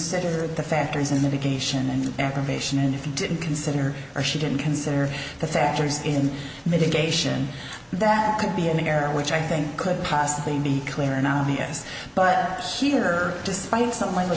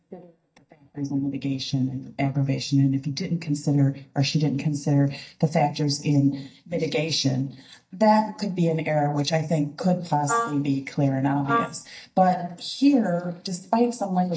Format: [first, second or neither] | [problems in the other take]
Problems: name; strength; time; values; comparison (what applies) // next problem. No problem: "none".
first | noise reduction (neural mask model DeepFilterNet 3)